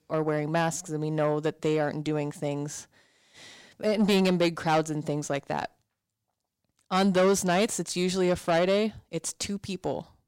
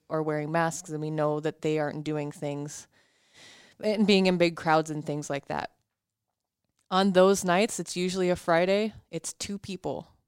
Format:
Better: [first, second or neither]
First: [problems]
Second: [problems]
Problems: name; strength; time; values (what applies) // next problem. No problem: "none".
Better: second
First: distortion; slight; 10 dB below the speech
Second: none